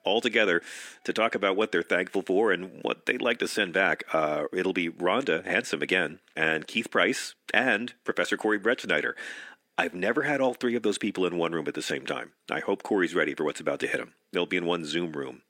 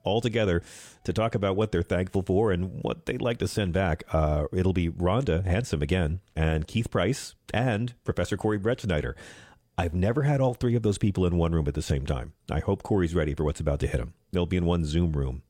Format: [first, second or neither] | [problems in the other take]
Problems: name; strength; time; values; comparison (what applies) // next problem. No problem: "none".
second | thin; somewhat; fading below 250 Hz